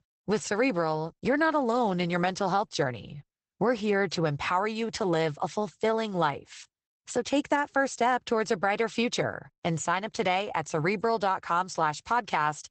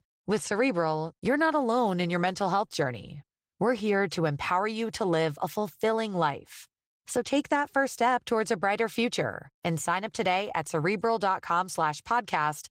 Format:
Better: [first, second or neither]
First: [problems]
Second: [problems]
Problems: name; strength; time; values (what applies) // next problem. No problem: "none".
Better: second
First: garbled, watery; badly; nothing above 8 kHz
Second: garbled, watery; slightly; nothing above 16 kHz